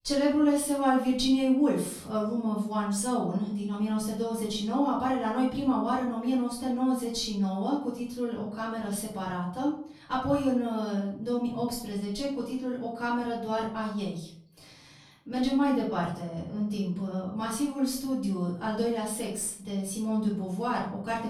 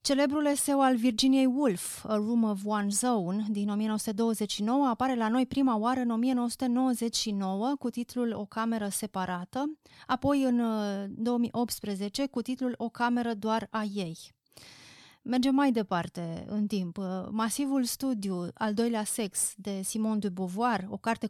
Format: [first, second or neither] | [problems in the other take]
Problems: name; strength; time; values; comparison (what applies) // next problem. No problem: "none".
second | off-mic speech; far // room echo; noticeable; dies away in 0.5 s